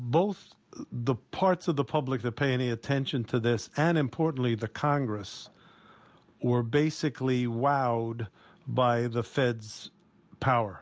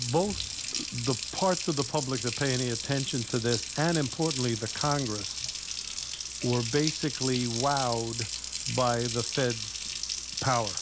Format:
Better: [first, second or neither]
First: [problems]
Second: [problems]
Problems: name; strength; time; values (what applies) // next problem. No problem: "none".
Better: first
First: none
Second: background sound (Water tap, faucet); 4 dB below the speech